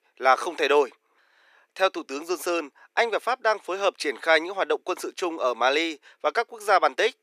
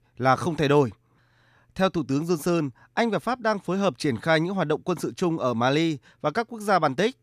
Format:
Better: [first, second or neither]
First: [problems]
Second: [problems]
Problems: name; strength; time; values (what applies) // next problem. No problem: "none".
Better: second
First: thin; very; fading below 400 Hz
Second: none